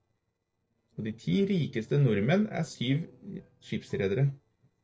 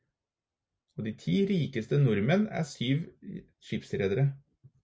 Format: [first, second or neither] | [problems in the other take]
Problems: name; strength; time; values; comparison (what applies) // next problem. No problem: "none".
second | noise reduction (neural separator model SepFormer DNS4)